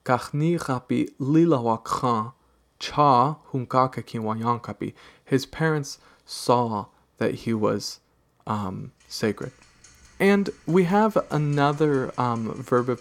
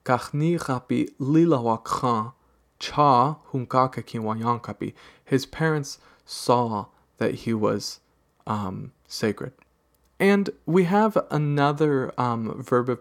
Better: second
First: household noises; faint; throughout; 30 dB below the speech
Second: none

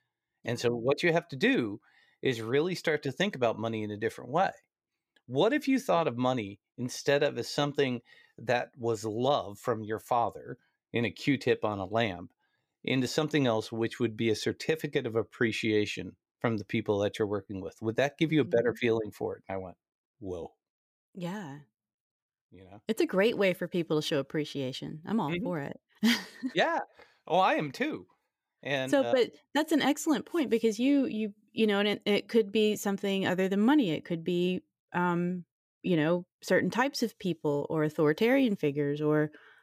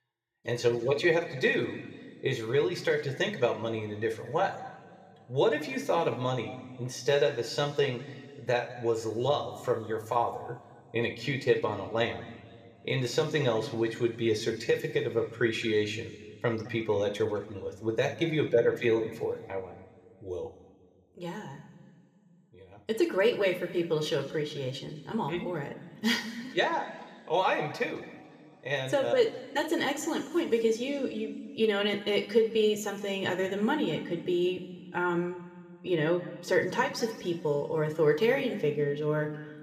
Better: first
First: none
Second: room echo; slight; dies away in 2 s

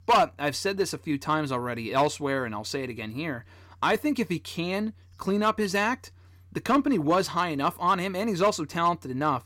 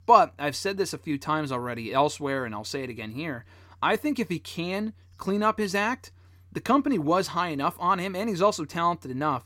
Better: second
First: distortion; slight; 2% of the sound clipped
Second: none

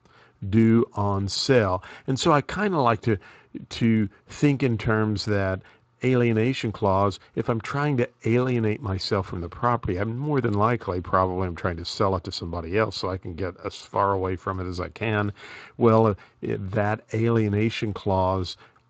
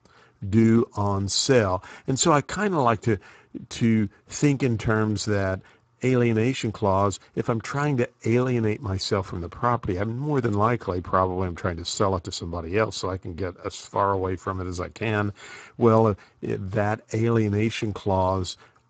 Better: first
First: garbled, watery; slightly; nothing above 7.5 kHz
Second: garbled, watery; badly; nothing above 7.5 kHz

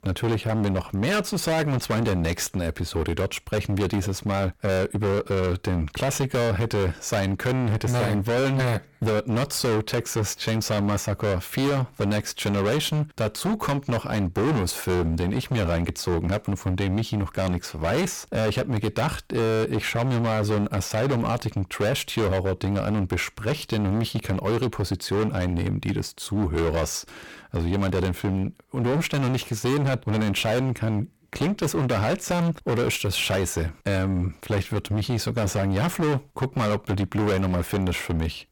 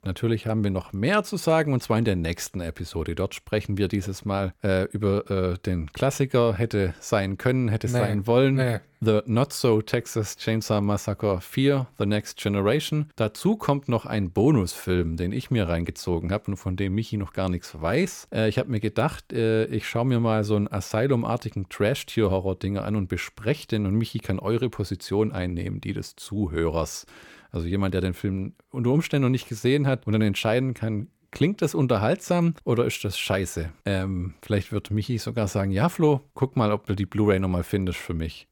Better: second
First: distortion; heavy; 28% of the sound clipped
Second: none

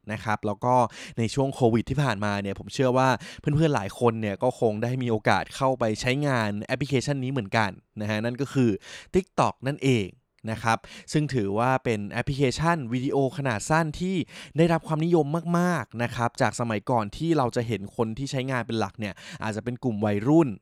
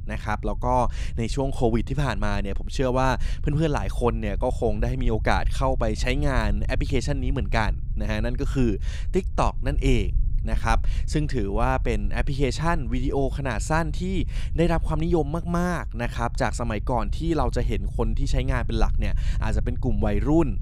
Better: first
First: none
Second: low rumble; faint; throughout; 20 dB below the speech

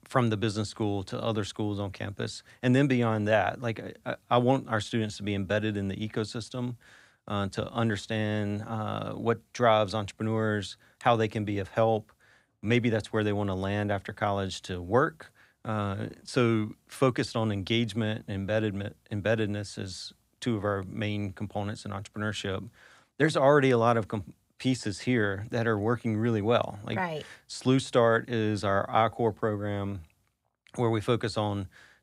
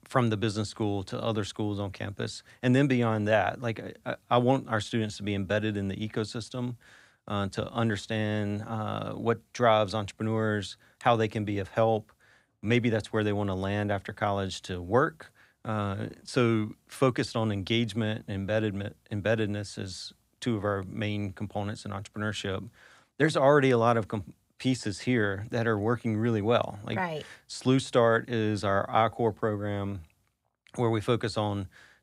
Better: neither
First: none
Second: none

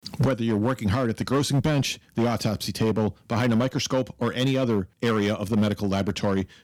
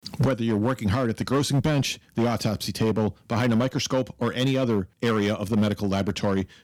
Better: neither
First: distortion; slight; 8% of the sound clipped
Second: distortion; slight; 8% of the sound clipped

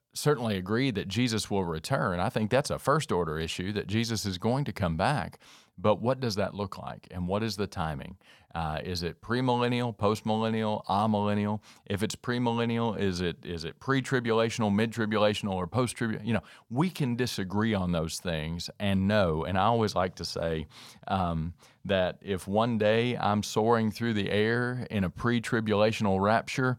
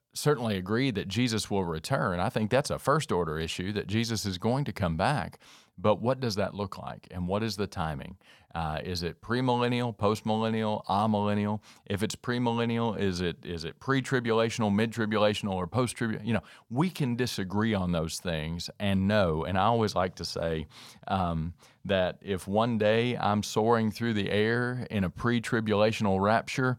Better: neither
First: none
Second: none

